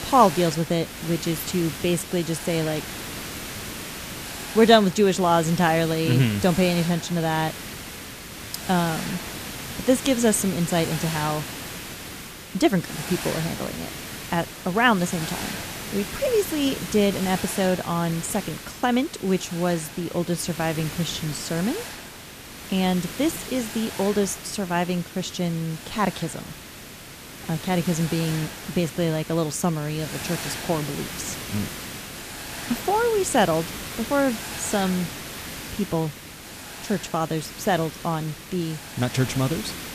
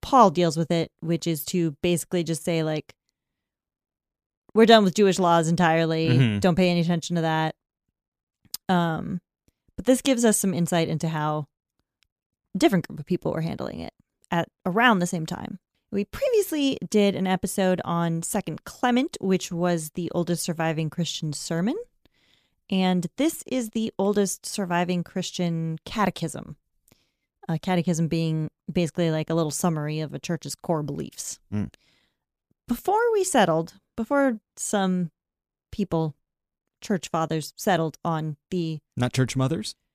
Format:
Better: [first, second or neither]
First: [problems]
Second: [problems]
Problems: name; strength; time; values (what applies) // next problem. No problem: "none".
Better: second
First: hiss; loud; throughout; 9 dB below the speech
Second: none